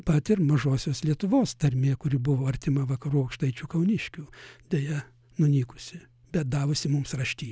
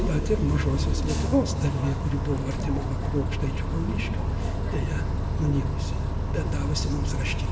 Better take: first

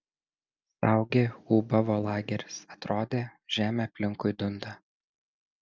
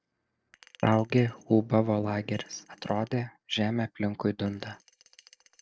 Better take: first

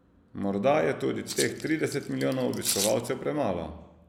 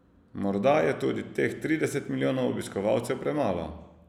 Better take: second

